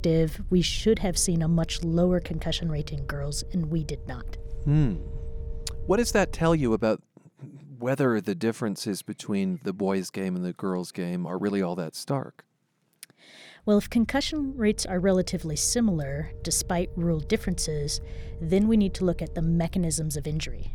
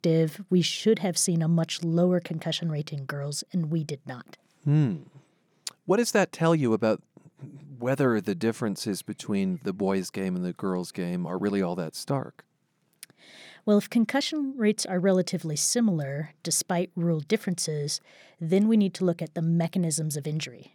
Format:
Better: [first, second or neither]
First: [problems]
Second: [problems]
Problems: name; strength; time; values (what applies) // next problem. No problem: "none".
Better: second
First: low rumble; faint; until 7 s and from 14 s on; 20 dB below the speech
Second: none